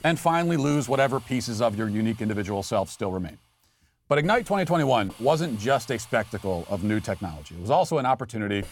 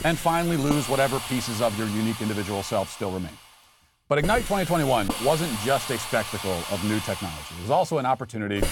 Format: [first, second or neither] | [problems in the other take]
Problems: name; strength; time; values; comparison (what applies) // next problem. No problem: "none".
first | hiss; loud; throughout; 7 dB below the speech; faint in the first